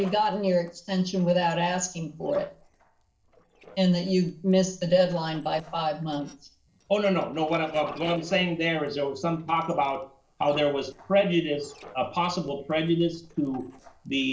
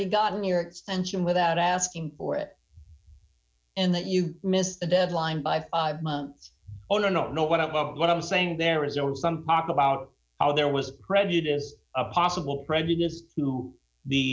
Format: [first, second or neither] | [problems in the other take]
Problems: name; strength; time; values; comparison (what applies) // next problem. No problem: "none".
second | noise reduction (neural separator model SepFormer DNS4)